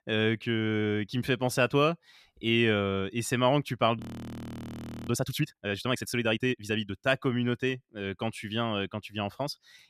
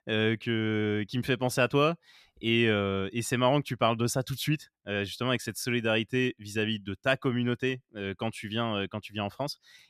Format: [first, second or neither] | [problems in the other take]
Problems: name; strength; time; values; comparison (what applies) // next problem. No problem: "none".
second | audio freezing; at 4 s for 1 s